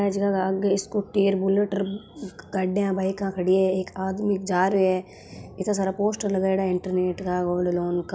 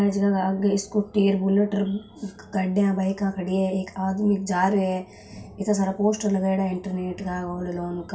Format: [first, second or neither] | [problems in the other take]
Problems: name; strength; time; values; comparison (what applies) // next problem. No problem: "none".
first | room echo; dies away in 0.2 s